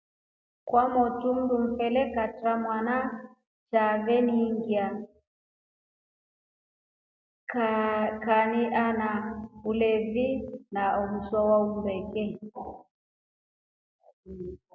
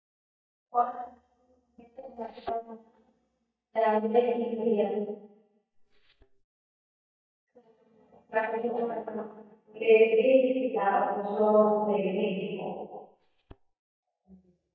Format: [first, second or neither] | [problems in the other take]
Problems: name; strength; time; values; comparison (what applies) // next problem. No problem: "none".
first | noise reduction (neural mask model DeepFilterNet 3)